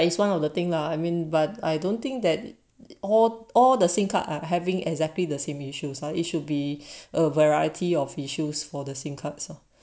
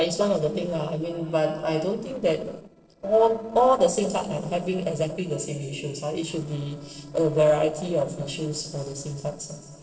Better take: first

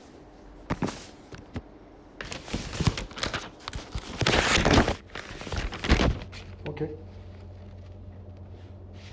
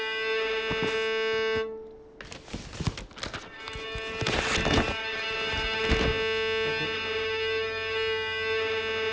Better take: first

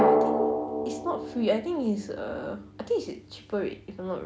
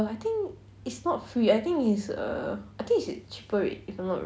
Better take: second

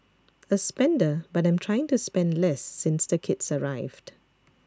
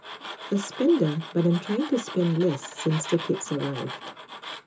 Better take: first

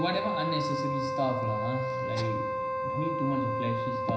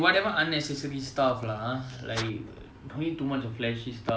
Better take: second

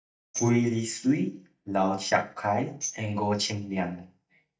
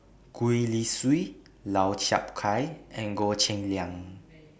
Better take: second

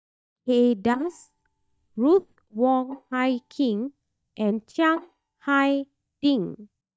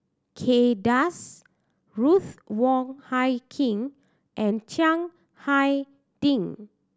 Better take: second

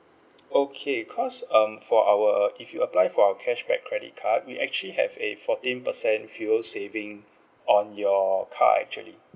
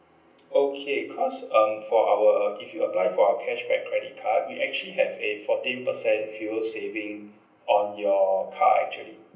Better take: first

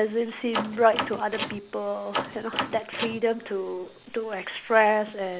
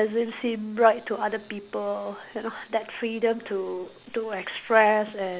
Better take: second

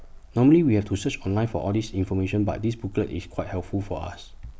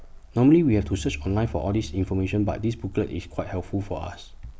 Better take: first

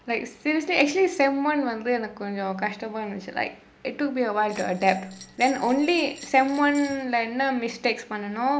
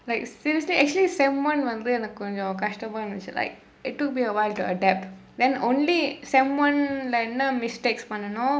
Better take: second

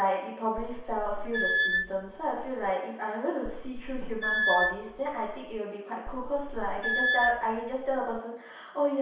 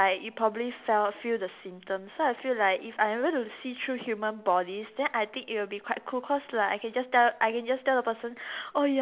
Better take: second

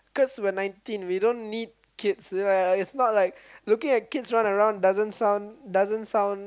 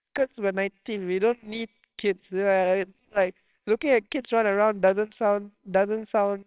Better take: first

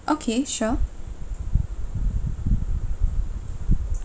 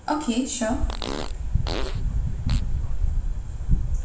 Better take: first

